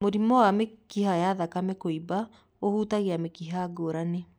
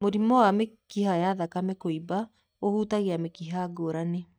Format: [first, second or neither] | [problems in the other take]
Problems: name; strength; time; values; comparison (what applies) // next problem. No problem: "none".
first | noise reduction (neural mask model DeepFilterNet 3)